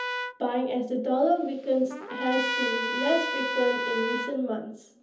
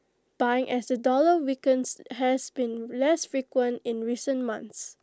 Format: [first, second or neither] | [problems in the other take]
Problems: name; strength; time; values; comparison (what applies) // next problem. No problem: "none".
second | background sound (Trumpet); 5 dB below the speech // room echo; dies away in 0.7 s